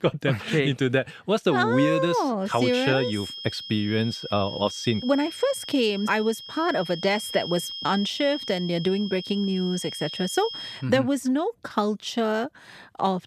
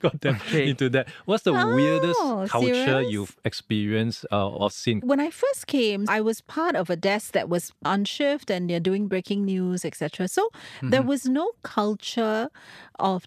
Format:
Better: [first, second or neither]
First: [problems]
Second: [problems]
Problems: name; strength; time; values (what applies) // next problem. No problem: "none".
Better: second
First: high-pitched whine; loud; from 2.5 to 11 s; 3 kHz, 10 dB below the speech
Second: none